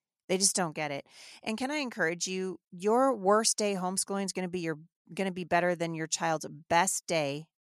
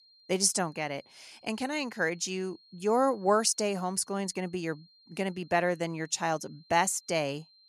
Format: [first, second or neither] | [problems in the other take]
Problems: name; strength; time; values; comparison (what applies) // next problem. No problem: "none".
first | high-pitched whine; faint; throughout; 4 kHz, 30 dB below the speech